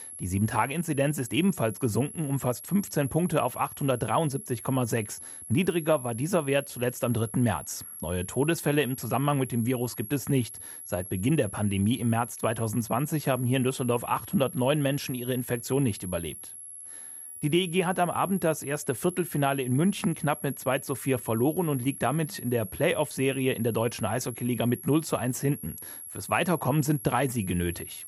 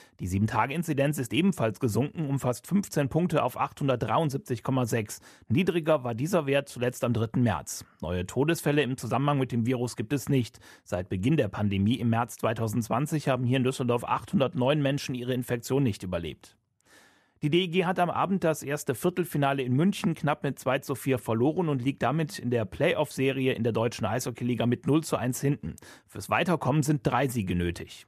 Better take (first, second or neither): second